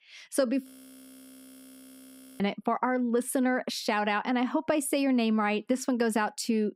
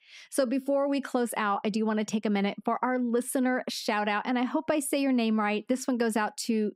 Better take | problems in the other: second | audio freezing; at 0.5 s for 1.5 s

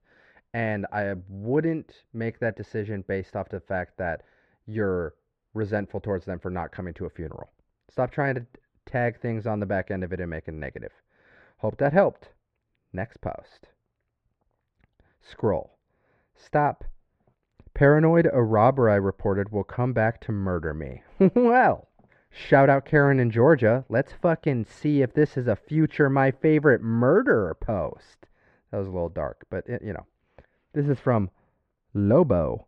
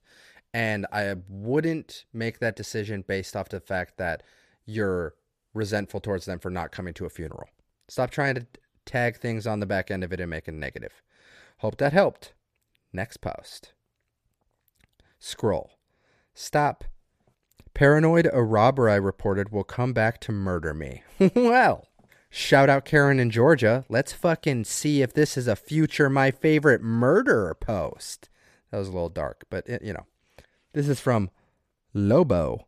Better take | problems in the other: second | muffled; very; fading above 1.5 kHz

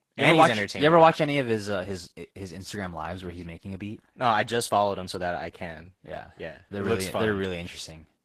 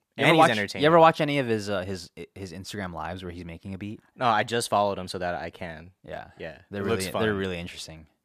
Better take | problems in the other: second | garbled, watery; slightly; nothing above 12 kHz

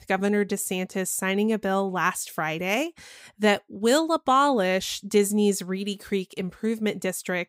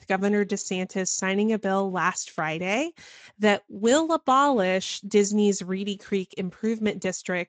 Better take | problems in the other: first | garbled, watery; slightly; nothing above 7.5 kHz

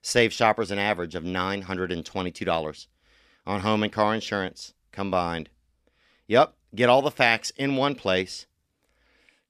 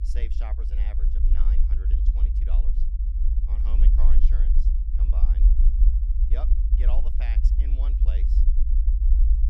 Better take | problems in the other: first | low rumble; loud; throughout; as loud as the speech

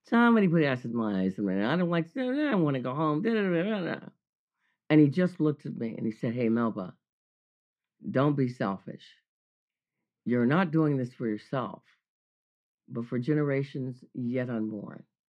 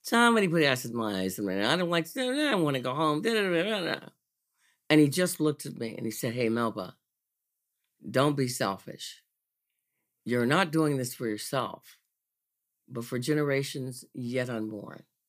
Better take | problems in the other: second | muffled; slightly; fading above 2 kHz

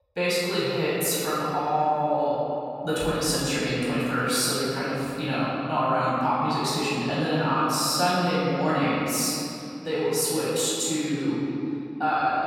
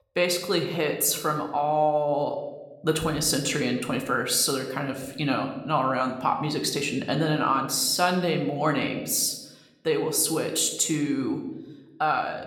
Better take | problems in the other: second | room echo; strong; dies away in 2.7 s; slight in the second // off-mic speech; far

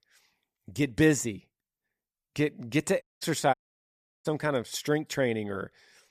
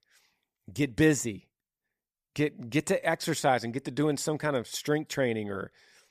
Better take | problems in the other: second | audio cutting out; at 3 s and at 3.5 s for 0.5 s

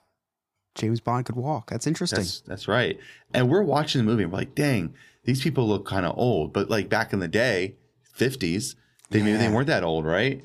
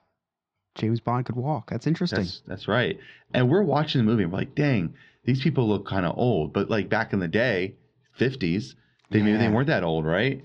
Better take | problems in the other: first | muffled; very slightly; fading above 4.5 kHz

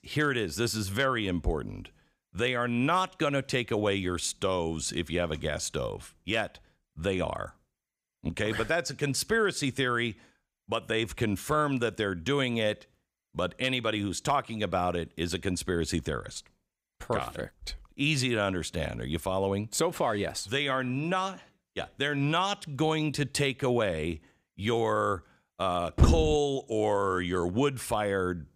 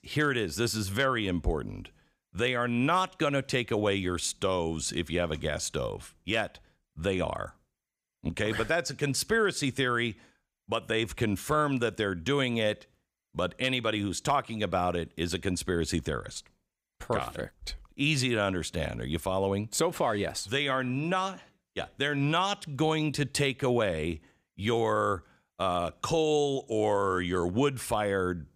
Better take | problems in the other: second | door banging; loud; at 26 s; peak 5 dB above the speech

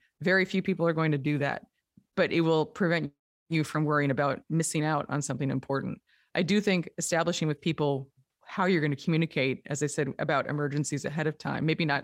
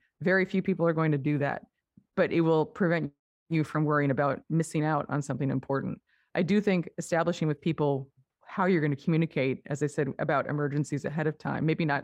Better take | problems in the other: first | muffled; slightly; fading above 2.5 kHz

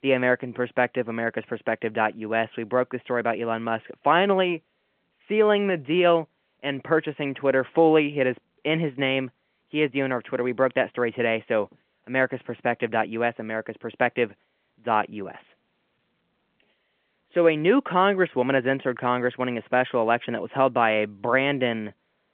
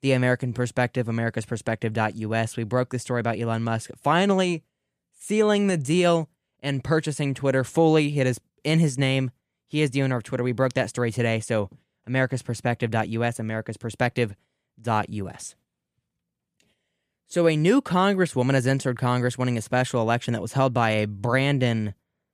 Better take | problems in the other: second | phone-call audio

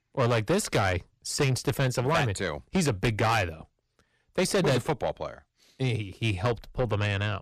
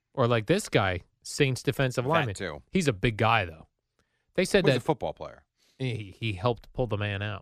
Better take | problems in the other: second | distortion; heavy; 6 dB below the speech

